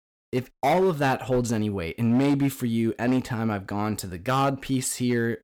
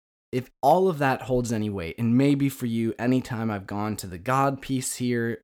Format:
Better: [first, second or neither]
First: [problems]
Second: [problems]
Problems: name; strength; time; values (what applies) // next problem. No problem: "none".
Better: second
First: distortion; slight; 7% of the sound clipped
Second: none